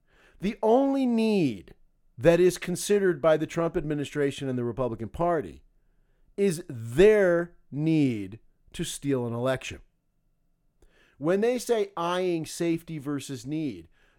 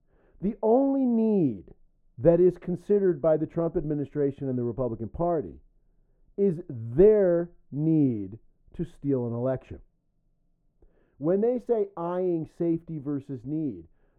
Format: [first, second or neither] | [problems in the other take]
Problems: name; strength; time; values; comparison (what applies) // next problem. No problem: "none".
first | muffled; very; fading above 2 kHz